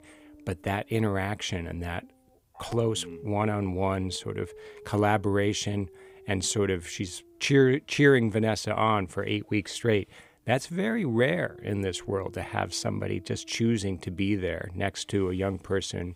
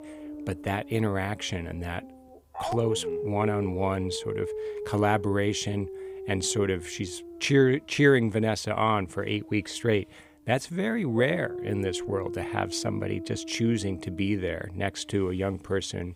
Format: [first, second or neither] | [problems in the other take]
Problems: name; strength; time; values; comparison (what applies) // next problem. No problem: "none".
first | animal sounds; loud; throughout; 9 dB below the speech; faint in the first